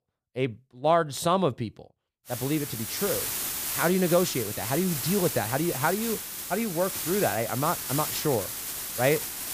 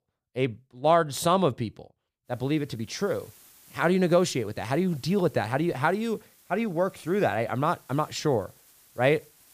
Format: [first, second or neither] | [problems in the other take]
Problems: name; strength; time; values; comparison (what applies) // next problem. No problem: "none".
second | hiss; loud; from 2.5 s on; 3 dB below the speech; faint in the second